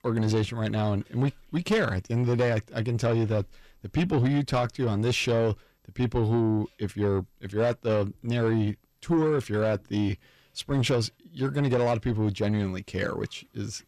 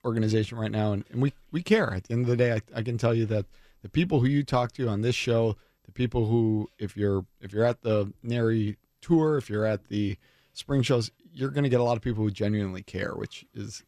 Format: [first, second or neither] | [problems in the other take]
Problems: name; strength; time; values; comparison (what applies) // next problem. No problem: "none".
second | distortion; slight; 10 dB below the speech